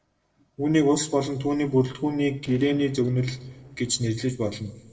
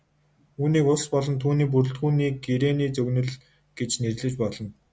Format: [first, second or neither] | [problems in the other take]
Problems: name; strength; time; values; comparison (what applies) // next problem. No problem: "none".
second | noise reduction (neural separator model SepFormer DNS4)